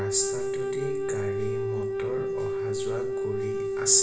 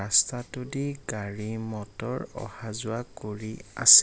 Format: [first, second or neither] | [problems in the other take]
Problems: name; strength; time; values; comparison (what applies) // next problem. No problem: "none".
second | background sound (Wind instrument, woodwind instrument); 1 dB above the speech // room echo; dies away in 0.9 s